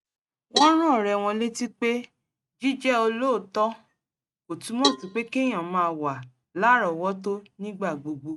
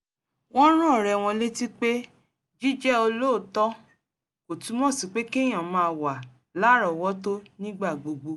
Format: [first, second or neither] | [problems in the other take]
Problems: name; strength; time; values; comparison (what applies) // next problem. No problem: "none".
second | noise reduction (neural mask model RNNoise)